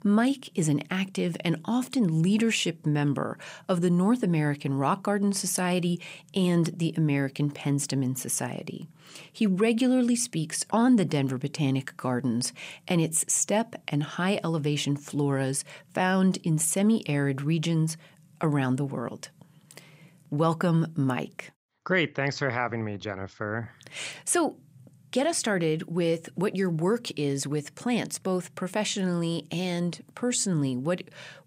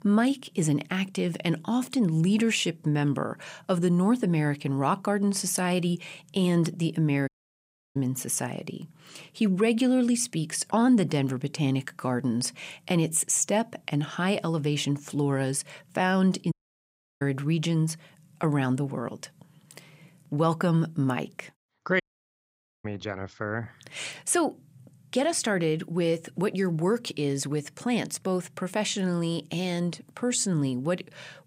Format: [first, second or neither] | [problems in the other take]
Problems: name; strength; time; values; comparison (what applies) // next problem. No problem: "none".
first | audio cutting out; at 7.5 s for 0.5 s, at 17 s for 0.5 s and at 22 s for 1 s